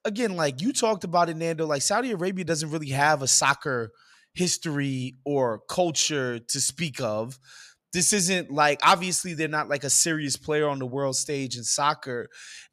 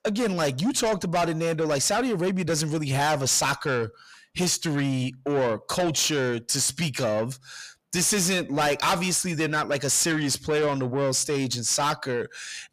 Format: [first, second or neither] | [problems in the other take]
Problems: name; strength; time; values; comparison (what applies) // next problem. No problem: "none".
first | distortion; heavy; 6 dB below the speech